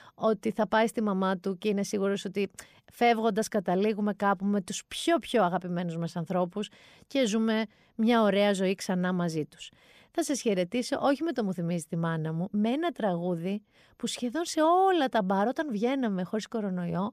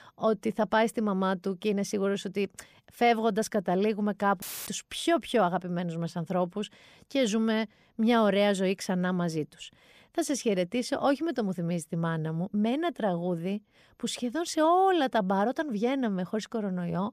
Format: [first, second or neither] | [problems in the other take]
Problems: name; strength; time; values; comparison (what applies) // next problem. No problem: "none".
first | audio cutting out; filled with static; at 4.5 s